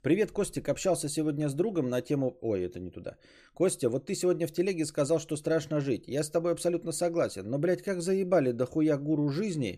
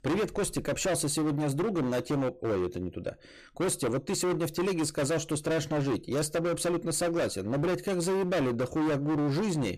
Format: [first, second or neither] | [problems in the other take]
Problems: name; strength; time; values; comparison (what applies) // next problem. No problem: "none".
first | distortion; heavy; 27% of the sound clipped